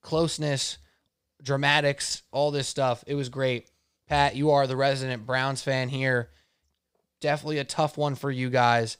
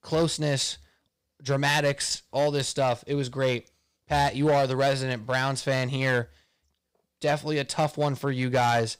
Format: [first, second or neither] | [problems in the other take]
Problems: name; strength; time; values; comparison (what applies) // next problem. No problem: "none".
first | distortion; slight; 4% of the sound clipped